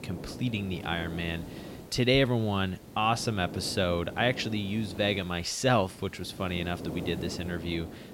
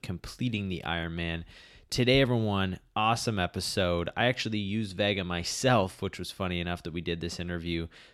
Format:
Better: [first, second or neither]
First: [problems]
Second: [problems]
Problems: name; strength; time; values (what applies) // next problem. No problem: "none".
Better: second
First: hiss; noticeable; throughout; 10 dB below the speech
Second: none